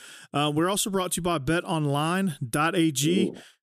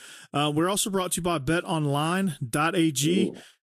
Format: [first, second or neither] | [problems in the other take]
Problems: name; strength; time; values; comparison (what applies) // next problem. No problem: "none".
first | garbled, watery; slightly; nothing above 12 kHz